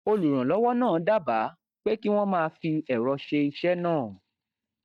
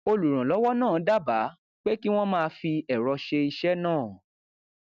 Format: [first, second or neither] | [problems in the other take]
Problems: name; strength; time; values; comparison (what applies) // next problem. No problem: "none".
second | noise reduction (neural mask model DeepFilterNet 3)